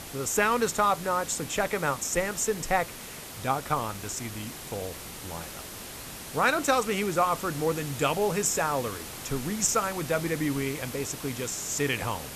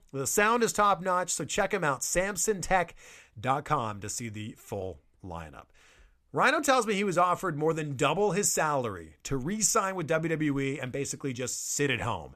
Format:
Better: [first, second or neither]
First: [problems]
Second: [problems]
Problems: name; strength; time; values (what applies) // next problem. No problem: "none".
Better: second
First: hiss; noticeable; throughout; 10 dB below the speech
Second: none